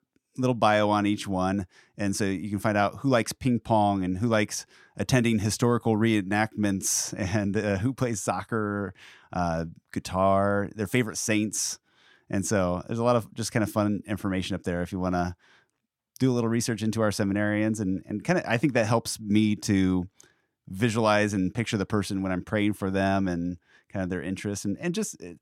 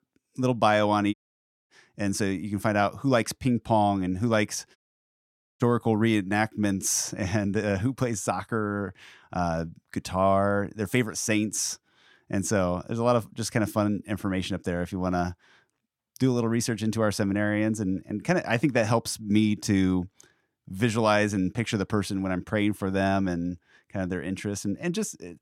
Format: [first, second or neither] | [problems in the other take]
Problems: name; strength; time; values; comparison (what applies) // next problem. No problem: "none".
first | audio cutting out; at 1 s for 0.5 s and at 5 s for 1 s